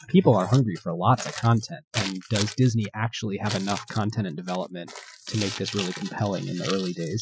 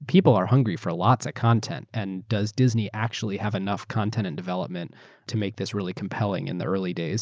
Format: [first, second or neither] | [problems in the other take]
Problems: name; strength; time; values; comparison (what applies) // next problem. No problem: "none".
second | noise reduction (classical method Wiener filter)